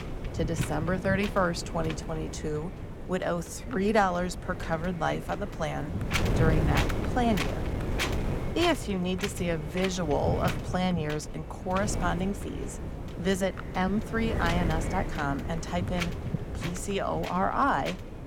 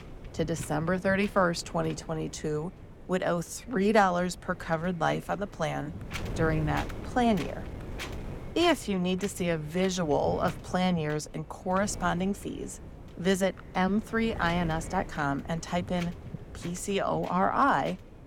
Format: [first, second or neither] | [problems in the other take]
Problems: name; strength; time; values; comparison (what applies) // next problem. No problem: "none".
second | wind noise on the microphone; heavy; 7 dB below the speech; occasional gusts in the second